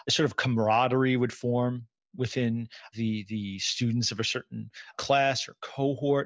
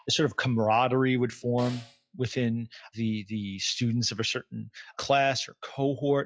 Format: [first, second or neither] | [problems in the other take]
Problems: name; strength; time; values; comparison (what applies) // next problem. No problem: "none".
first | noise reduction (classical method log-MMSE)